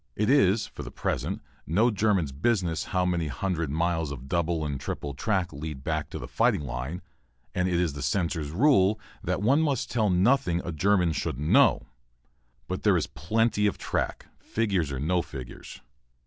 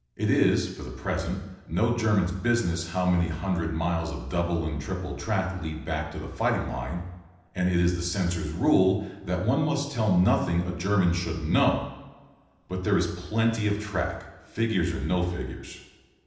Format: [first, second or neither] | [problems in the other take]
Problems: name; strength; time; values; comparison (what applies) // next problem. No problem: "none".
first | room echo; dies away in 0.9 s